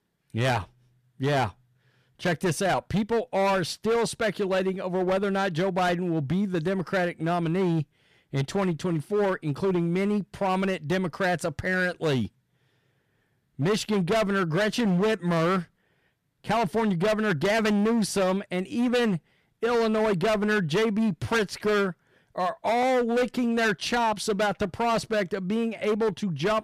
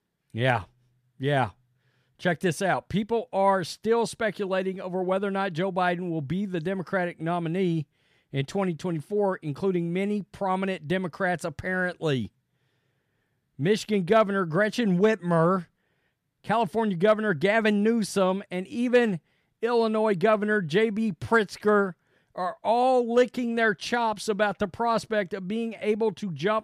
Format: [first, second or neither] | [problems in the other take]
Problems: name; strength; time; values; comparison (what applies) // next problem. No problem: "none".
second | distortion; heavy; 16% of the sound clipped